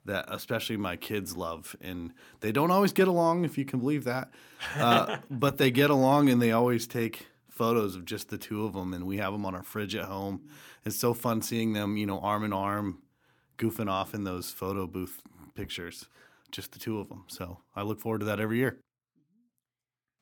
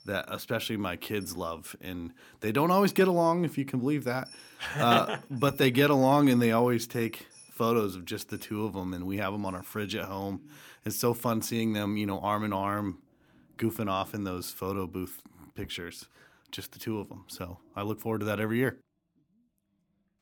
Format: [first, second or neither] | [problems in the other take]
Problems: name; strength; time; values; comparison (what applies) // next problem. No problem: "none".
first | household noises; faint; throughout; 30 dB below the speech